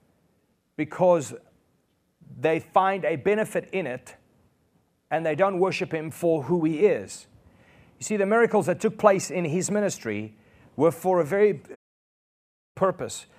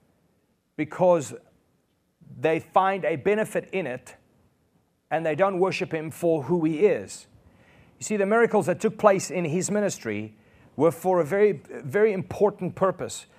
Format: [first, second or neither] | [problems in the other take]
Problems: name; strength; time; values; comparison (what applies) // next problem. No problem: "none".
second | audio cutting out; at 12 s for 1 s